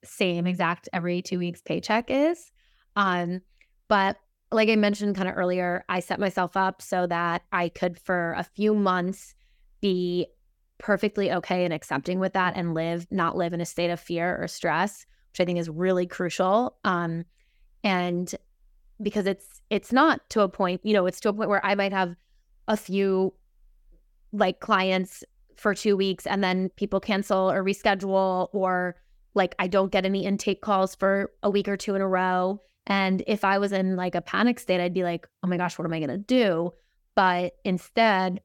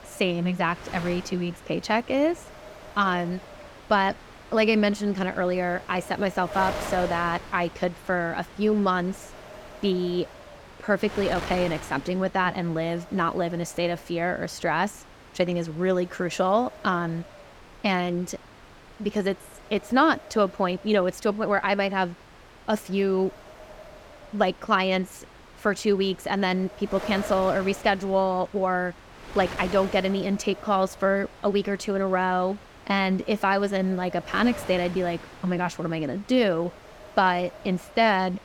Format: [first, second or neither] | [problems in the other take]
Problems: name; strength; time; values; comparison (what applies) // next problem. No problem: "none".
first | wind noise on the microphone; occasional gusts; 15 dB below the speech